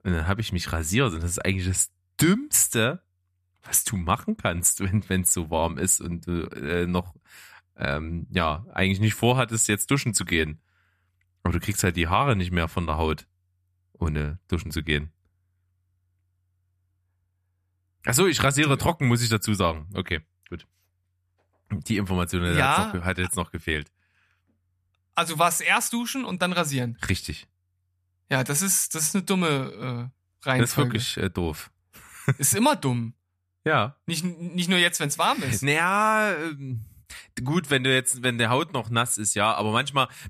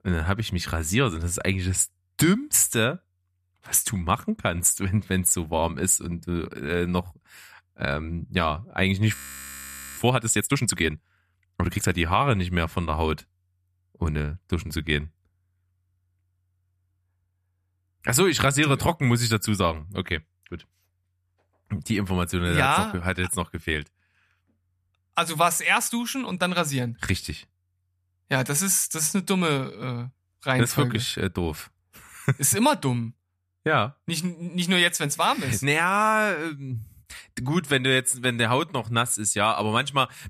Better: first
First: none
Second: audio freezing; at 9 s for 1 s

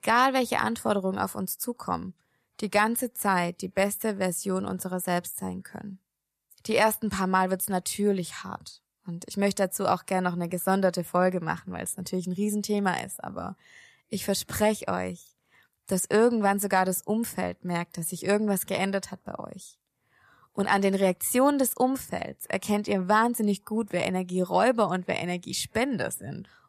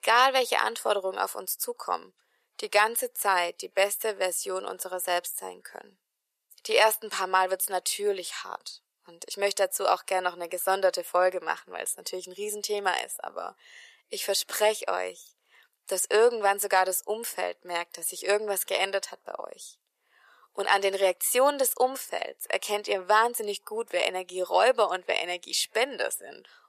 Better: first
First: none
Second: thin; very; fading below 450 Hz

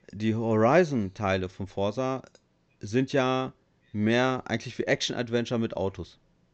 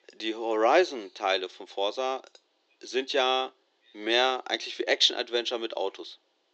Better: first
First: none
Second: thin; very; fading below 350 Hz

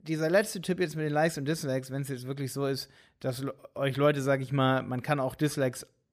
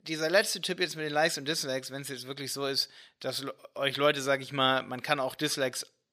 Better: first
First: none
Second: thin; somewhat; fading below 1 kHz

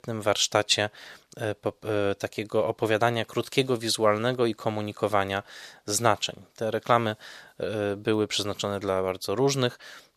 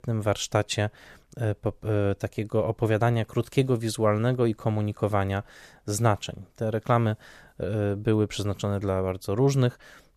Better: second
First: thin; somewhat; fading below 950 Hz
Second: none

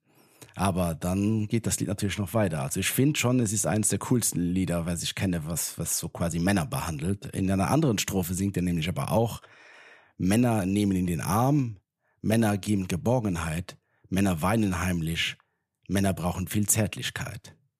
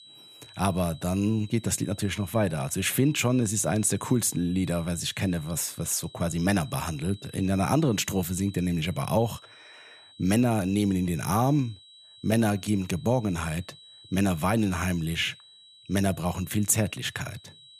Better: first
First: none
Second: high-pitched whine; faint; throughout; 4 kHz, 25 dB below the speech

